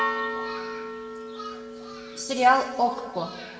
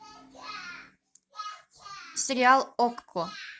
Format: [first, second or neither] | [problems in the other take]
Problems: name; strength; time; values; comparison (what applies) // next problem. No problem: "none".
second | background sound (Church bell); 6 dB below the speech // room echo; dies away in 1.4 s